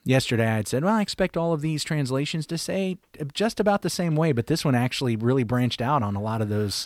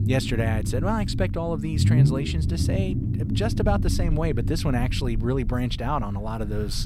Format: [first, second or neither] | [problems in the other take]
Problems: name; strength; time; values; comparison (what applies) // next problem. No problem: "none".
first | low rumble; loud; throughout; 7 dB below the speech